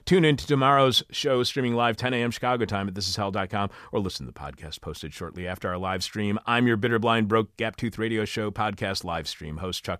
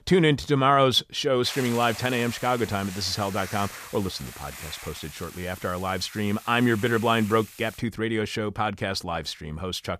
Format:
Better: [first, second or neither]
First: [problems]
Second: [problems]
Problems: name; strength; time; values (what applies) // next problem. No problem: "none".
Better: first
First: none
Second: hiss; noticeable; from 1.5 to 8 s; 15 dB below the speech